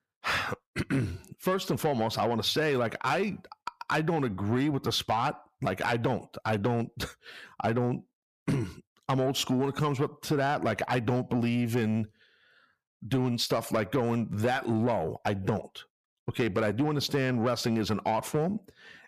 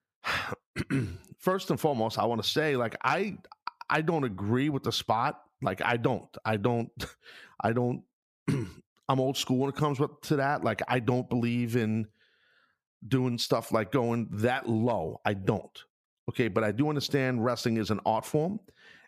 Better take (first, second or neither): second